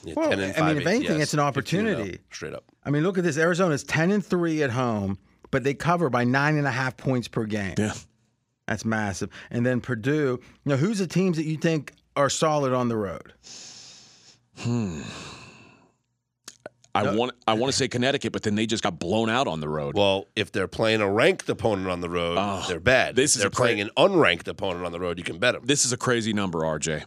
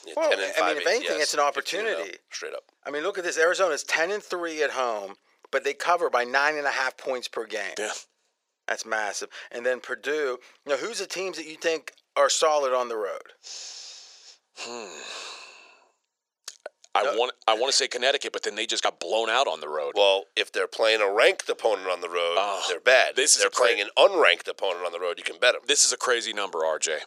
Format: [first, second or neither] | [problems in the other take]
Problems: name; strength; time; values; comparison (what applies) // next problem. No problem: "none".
first | thin; very; fading below 500 Hz